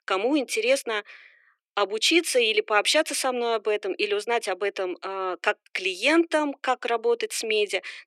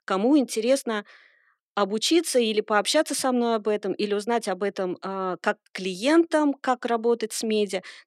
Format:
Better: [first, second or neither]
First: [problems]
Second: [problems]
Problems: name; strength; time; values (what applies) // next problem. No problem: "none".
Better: second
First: thin; somewhat; fading below 350 Hz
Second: none